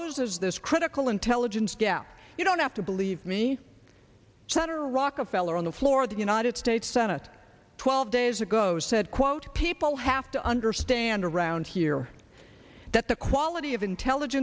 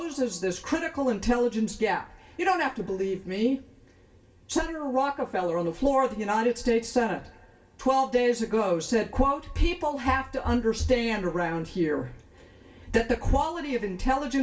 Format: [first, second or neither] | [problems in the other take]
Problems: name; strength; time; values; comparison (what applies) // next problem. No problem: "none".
first | room echo; dies away in 0.2 s